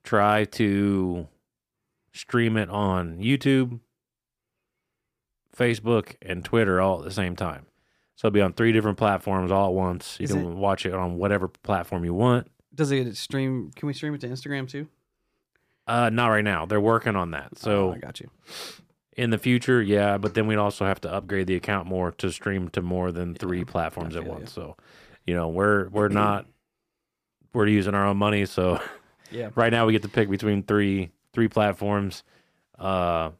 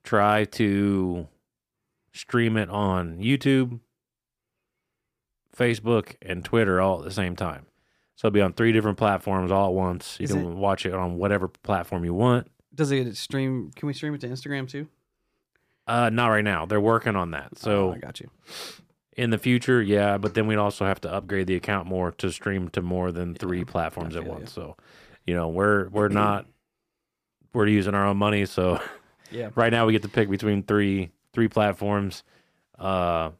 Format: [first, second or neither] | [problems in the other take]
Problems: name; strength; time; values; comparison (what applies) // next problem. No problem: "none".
neither | none